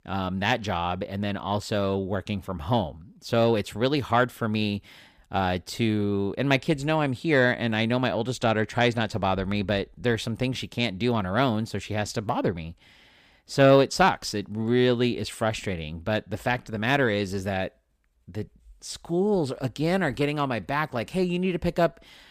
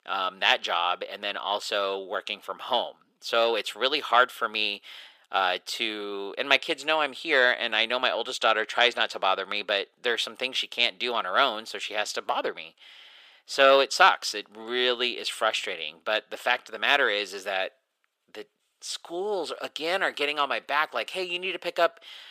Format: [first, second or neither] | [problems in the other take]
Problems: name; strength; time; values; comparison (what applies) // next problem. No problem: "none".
first | thin; very; fading below 450 Hz